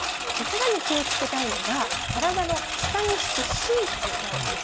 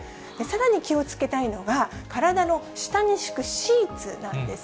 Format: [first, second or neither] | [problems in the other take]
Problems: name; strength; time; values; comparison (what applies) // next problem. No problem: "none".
second | background sound (Engine); 1 dB above the speech